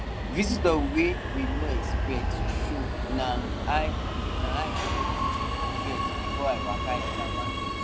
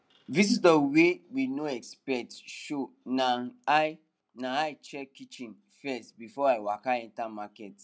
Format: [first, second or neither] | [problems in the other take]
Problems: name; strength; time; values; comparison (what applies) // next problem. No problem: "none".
second | background sound (Subway, metro, underground); 3 dB above the speech